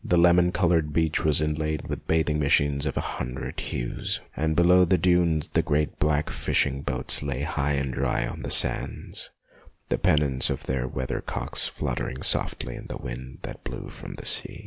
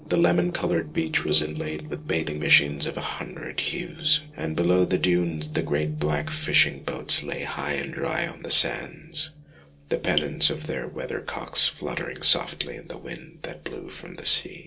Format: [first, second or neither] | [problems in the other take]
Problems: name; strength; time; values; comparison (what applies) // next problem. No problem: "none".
first | noise reduction (neural separator model SepFormer DNS4)